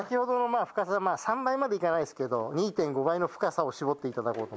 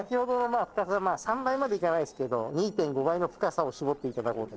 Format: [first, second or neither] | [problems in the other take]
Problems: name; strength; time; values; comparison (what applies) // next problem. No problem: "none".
first | noise reduction (neural separator model SepFormer DNS4)